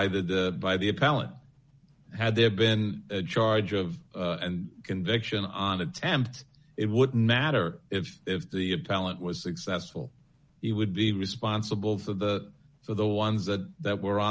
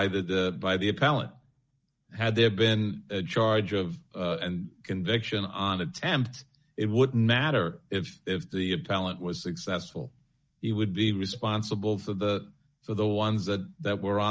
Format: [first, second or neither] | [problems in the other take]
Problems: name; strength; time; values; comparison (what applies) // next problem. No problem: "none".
first | noise reduction (neural mask model DeepFilterNet 3)